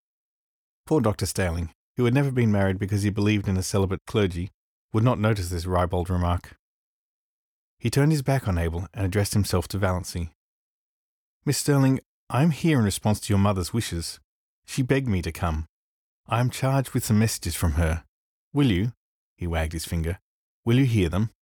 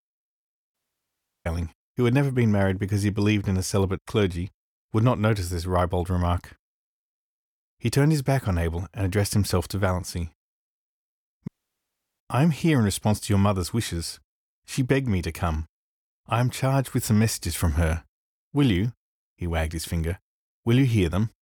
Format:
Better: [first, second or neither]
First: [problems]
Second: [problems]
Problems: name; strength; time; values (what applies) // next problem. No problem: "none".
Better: first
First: none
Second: audio cutting out; at 0.5 s for 0.5 s and at 11 s for 0.5 s